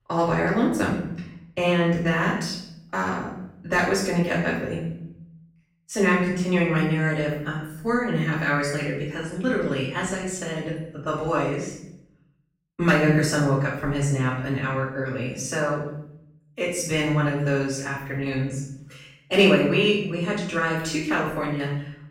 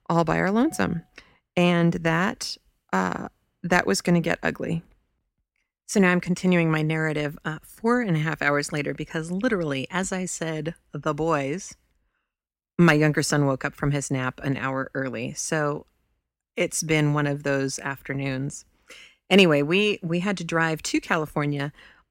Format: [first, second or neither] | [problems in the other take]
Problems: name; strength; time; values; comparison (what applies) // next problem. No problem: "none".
second | off-mic speech; far // room echo; noticeable; dies away in 0.7 s